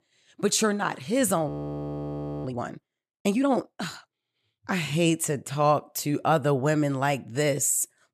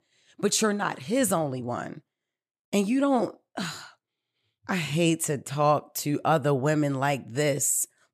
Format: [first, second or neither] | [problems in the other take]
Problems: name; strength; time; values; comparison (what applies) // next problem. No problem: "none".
second | audio freezing; at 1.5 s for 1 s